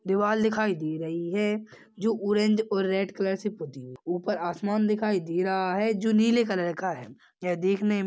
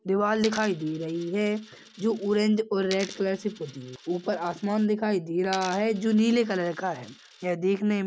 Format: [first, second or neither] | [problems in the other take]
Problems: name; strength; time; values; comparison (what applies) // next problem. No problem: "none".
first | background sound (Coin (dropping)); 19 dB below the speech